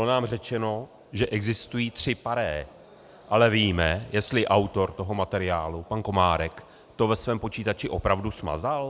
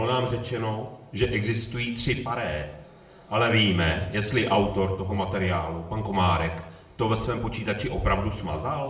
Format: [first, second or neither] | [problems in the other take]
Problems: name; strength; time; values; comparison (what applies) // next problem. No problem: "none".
first | room echo; dies away in 0.7 s